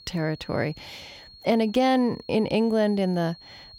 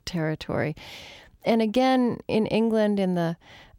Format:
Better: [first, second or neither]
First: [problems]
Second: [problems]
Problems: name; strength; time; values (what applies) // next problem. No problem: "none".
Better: second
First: high-pitched whine; faint; throughout; 4.5 kHz, 20 dB below the speech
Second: none